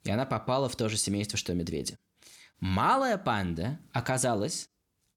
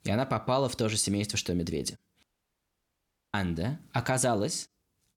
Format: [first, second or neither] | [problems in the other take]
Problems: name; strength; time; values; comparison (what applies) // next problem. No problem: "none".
first | audio cutting out; at 2 s for 1 s